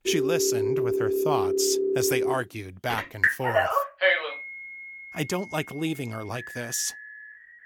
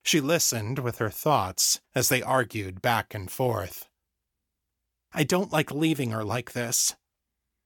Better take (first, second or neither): second